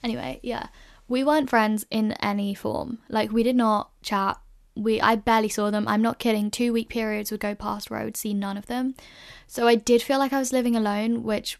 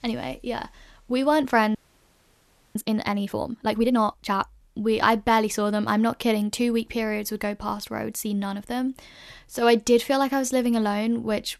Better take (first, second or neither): first